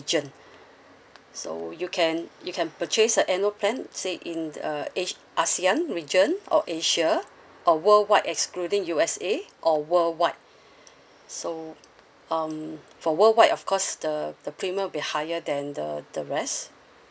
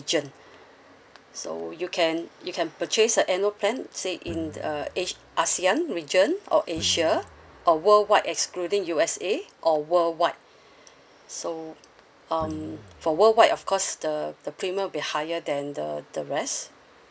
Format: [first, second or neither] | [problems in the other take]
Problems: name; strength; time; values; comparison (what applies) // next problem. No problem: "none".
first | background sound (Guitar); 19 dB below the speech